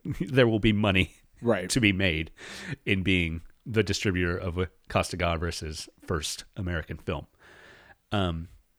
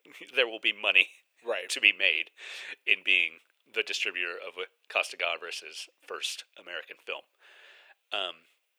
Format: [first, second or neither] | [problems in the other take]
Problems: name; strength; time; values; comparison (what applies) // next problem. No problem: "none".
first | thin; very; fading below 500 Hz